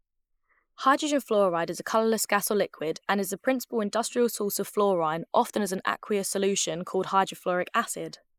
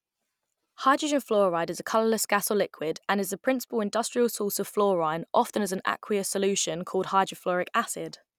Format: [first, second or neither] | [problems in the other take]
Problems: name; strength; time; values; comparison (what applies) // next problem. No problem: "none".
second | noise reduction (neural mask model Resemble Enhance denoiser)